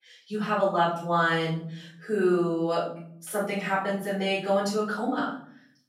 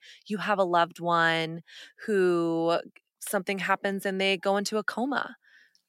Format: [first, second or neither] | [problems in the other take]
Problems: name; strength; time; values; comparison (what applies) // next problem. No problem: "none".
second | room echo; noticeable; dies away in 0.9 s // off-mic speech; far